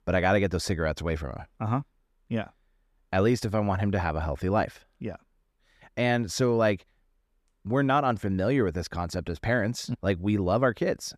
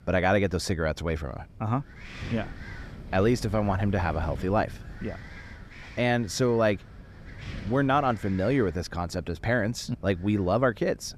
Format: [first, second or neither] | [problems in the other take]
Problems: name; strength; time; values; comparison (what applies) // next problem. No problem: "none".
first | wind noise on the microphone; occasional gusts; 20 dB below the speech